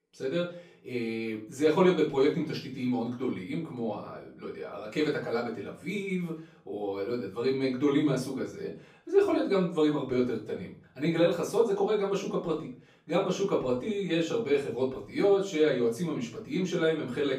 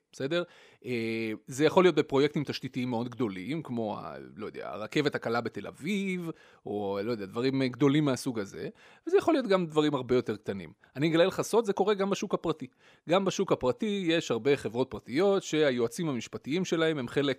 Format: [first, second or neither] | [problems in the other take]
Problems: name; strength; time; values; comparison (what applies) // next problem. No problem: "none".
second | off-mic speech; far // room echo; slight; dies away in 0.4 s